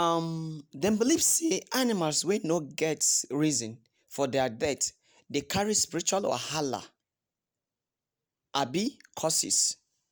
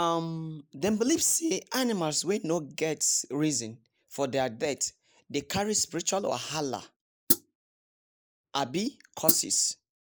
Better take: first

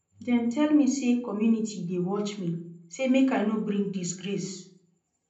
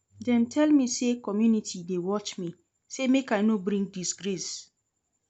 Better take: second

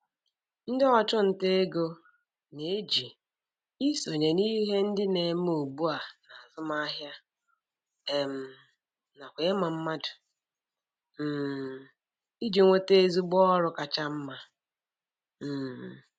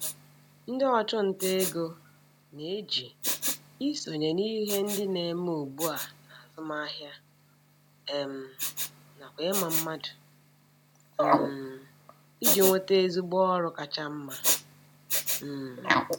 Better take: first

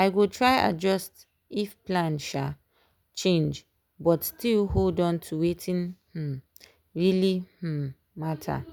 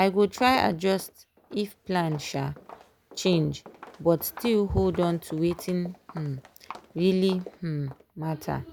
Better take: first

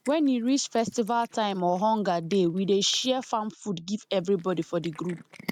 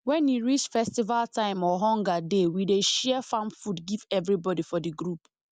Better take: second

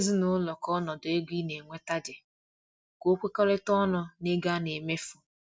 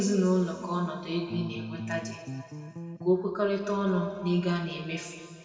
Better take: first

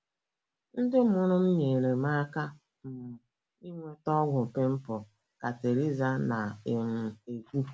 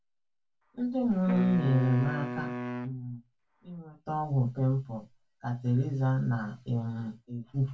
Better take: first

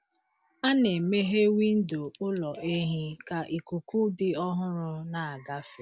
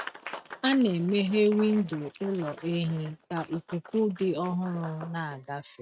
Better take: first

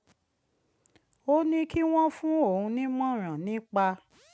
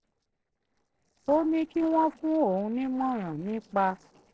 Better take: first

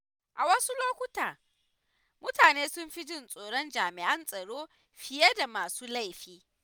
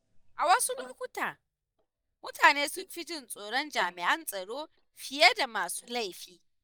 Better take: first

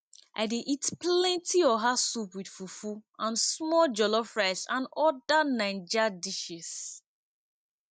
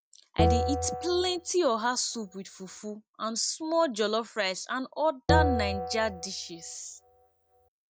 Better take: first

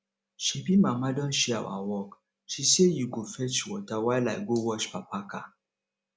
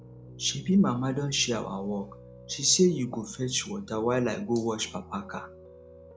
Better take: first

